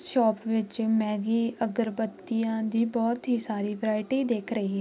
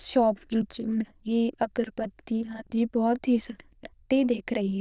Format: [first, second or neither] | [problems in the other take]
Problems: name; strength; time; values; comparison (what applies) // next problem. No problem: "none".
first | noise reduction (neural diffusion model UNIVERSE++)